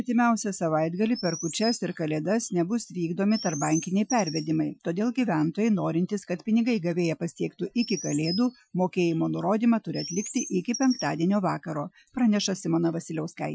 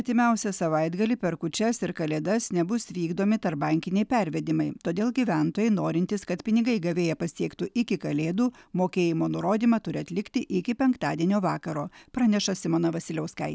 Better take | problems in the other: second | noise reduction (classical method Wiener filter)

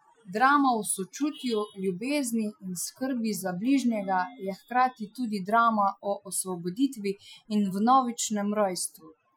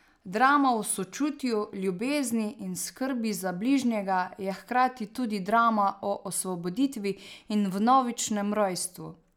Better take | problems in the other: second | noise reduction (classical method Wiener filter)

